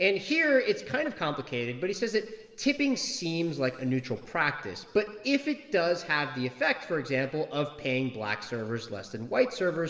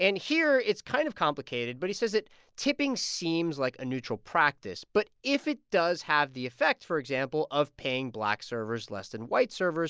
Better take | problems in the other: second | room echo; dies away in 2.4 s

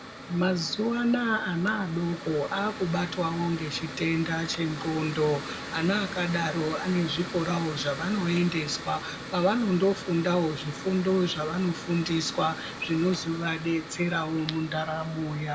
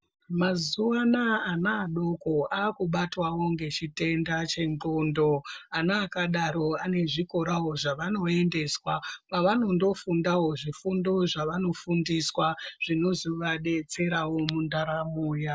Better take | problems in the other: second | background sound (Mechanical fan); 11 dB below the speech // room echo; dies away in 0.6 s

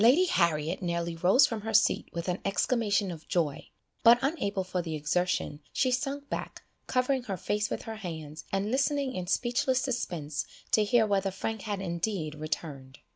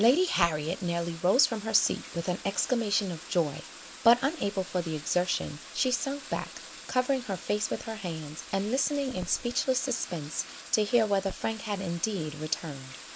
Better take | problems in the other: first | background sound (Bathtub (filling or washing)); 15 dB below the speech

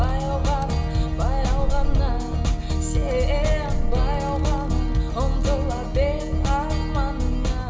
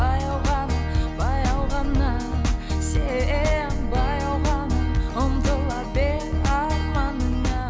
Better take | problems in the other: second | background sound (Motorcycle); 16 dB below the speech // room echo; dies away in 2.7 s

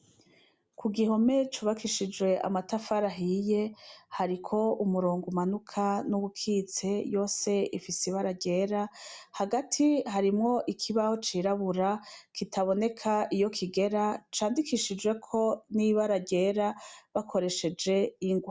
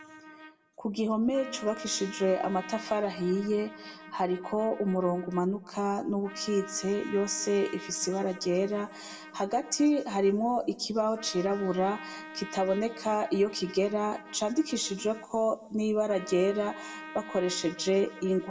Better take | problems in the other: first | background sound (Trumpet); 16 dB below the speech // room echo; dies away in 1.3 s

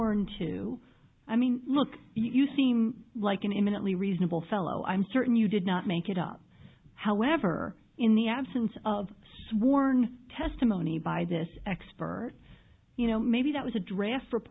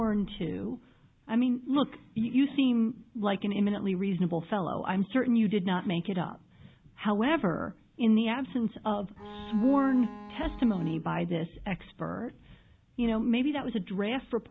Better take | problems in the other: first | background sound (Bowed string instrument); 15 dB below the speech

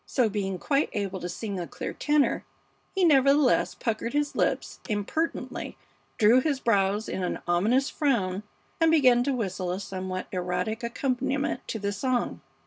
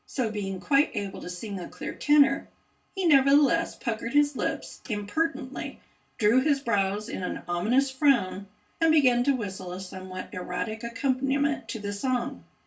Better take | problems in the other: first | room echo; dies away in 0.2 s

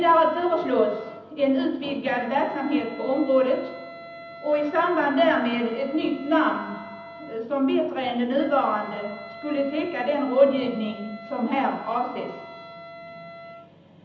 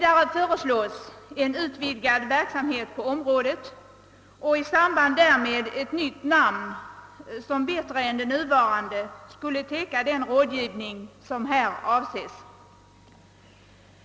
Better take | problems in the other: second | background sound (Wind instrument, woodwind instrument); 17 dB below the speech // room echo; dies away in 0.8 s

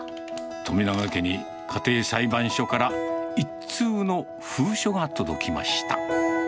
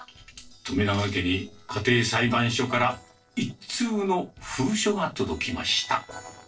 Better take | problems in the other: first | noise reduction (neural separator model SepFormer DNS4)

